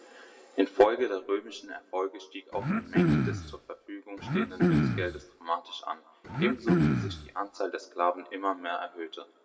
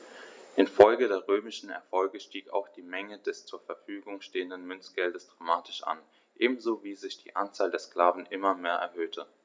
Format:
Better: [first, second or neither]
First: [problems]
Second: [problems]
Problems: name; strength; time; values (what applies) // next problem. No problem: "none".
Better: second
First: background sound (Cough); 4 dB above the speech // room echo; dies away in 1.4 s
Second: none